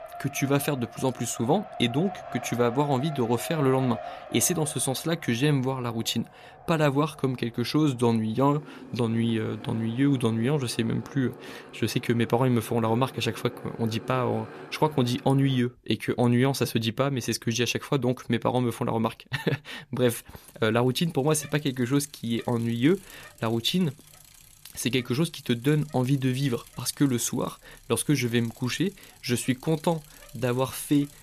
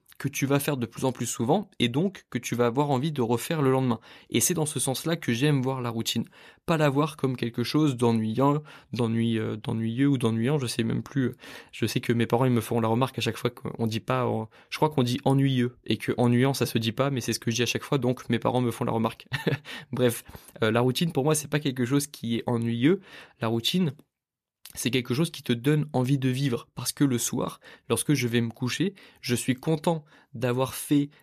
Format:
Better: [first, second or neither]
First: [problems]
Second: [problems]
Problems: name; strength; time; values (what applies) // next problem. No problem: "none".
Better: second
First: traffic noise; noticeable; throughout; 20 dB below the speech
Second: none